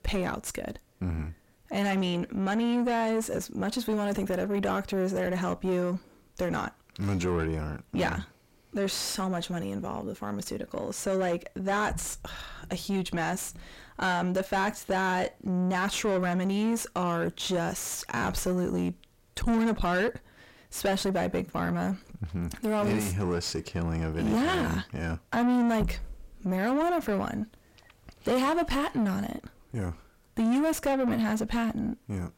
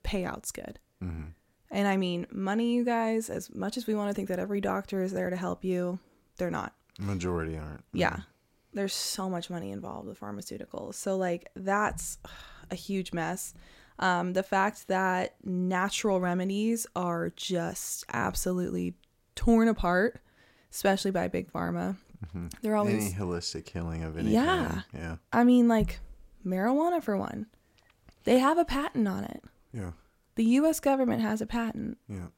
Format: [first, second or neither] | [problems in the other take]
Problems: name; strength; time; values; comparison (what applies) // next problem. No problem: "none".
second | distortion; heavy; 6 dB below the speech